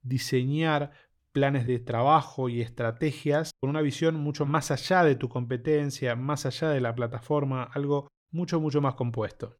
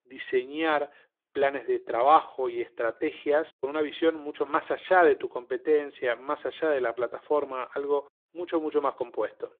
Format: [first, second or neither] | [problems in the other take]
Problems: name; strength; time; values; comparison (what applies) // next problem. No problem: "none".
first | phone-call audio